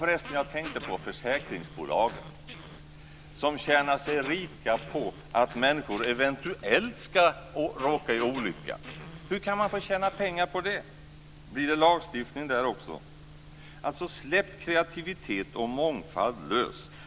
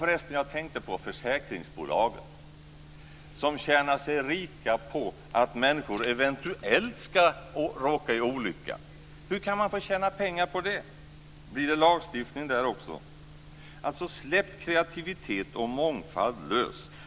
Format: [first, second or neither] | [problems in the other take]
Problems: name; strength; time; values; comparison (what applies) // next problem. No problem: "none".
second | background sound (Growling); 16 dB below the speech